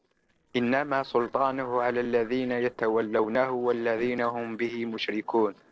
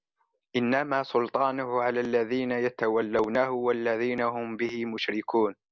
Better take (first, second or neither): second